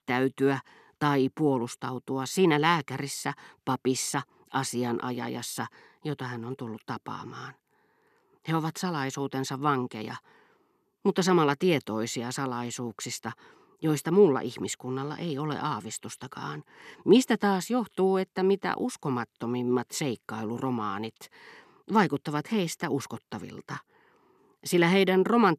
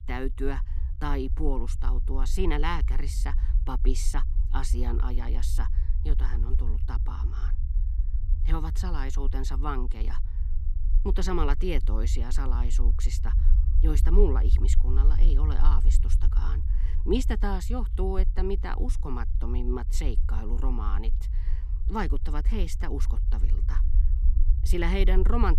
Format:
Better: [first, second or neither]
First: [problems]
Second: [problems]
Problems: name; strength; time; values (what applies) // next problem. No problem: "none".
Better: first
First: none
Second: low rumble; noticeable; throughout; 15 dB below the speech